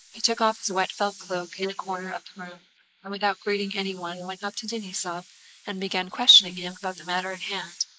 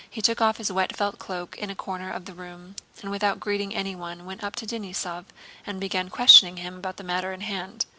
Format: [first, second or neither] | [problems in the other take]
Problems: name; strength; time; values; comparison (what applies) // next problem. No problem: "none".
second | noise reduction (neural mask model Resemble Enhance denoiser)